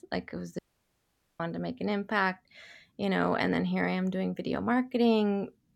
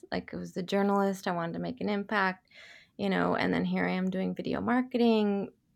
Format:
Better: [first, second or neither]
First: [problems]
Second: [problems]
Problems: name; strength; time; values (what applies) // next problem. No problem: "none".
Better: second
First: audio cutting out; at 0.5 s for 1 s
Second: none